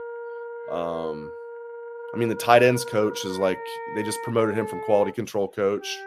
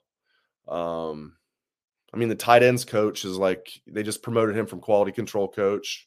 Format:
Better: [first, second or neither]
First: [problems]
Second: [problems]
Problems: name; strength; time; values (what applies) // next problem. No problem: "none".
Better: second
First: background music; noticeable; throughout; 10 dB below the speech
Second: none